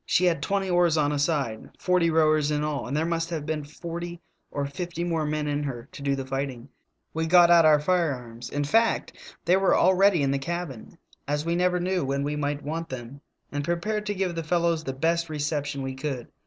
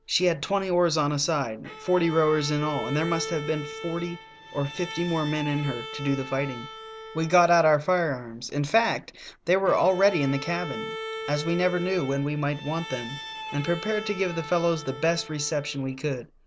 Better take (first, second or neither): first